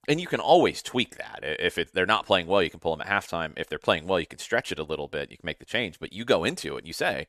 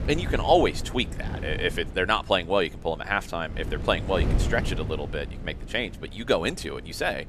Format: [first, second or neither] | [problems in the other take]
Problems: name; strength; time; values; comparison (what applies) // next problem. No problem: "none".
first | wind noise on the microphone; occasional gusts; 15 dB below the speech